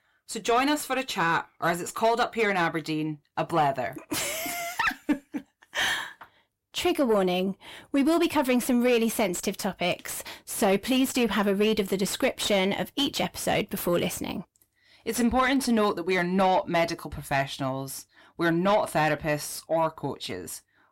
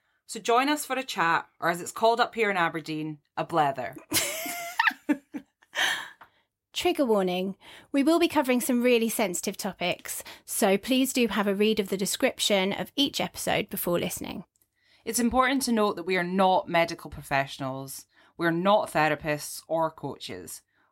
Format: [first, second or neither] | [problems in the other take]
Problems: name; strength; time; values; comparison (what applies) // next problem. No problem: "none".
second | distortion; slight; 10 dB below the speech